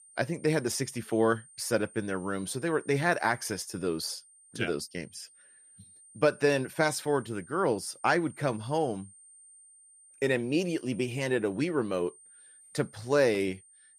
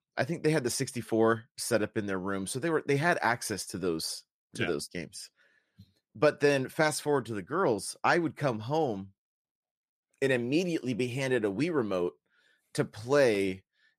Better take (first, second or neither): second